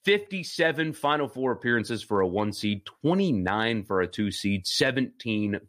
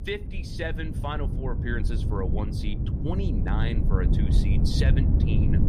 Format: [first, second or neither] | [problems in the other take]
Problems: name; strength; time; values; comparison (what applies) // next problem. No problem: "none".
first | low rumble; loud; throughout; 3 dB below the speech